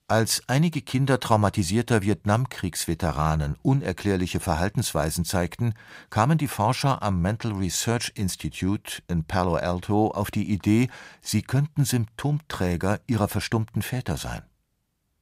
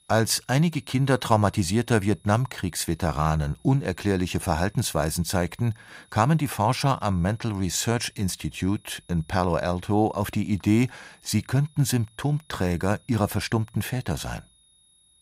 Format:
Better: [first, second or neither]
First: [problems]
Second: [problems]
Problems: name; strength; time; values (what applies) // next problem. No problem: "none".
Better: first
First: none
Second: high-pitched whine; faint; throughout; 3.5 kHz, 35 dB below the speech